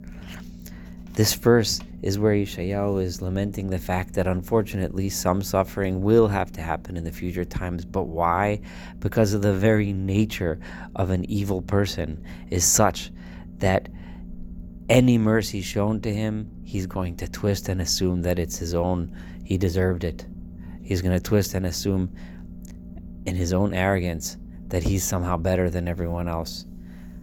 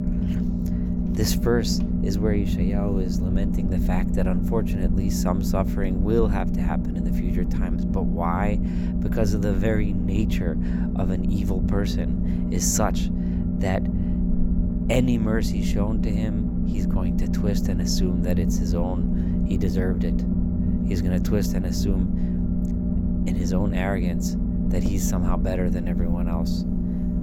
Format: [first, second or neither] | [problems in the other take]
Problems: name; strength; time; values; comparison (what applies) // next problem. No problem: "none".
first | low rumble; loud; throughout; 2 dB below the speech; faint in the first